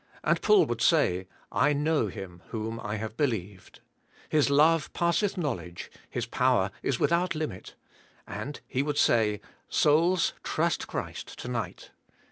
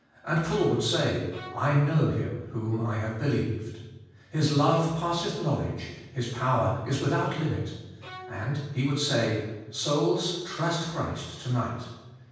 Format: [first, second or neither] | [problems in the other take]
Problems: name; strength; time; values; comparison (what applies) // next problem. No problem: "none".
first | background sound (Bowed string instrument); 17 dB below the speech // room echo; dies away in 1.2 s